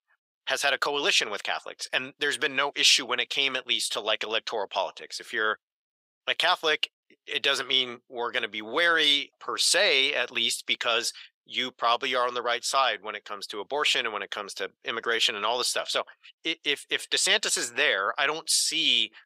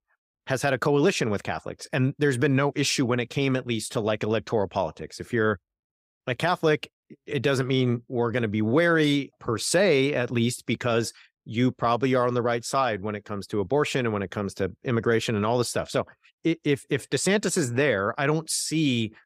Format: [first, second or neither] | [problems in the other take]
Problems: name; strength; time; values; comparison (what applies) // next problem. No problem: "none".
second | thin; very; fading below 750 Hz